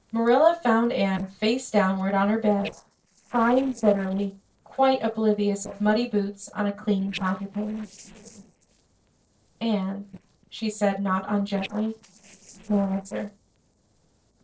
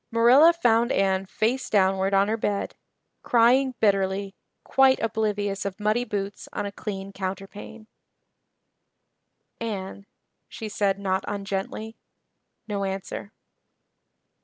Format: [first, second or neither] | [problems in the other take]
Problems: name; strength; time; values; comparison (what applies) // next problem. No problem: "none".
second | noise reduction (neural separator model SepFormer DNS4)